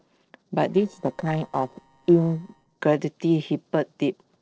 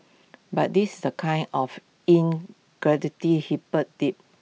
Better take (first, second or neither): second